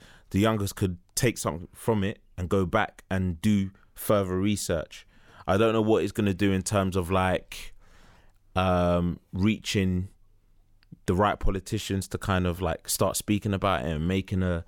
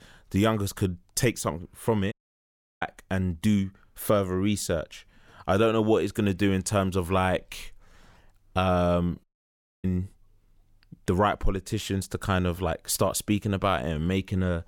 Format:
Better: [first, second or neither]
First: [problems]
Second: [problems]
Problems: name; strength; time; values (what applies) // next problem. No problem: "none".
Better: first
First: none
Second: audio cutting out; at 2 s for 0.5 s and at 9 s for 0.5 s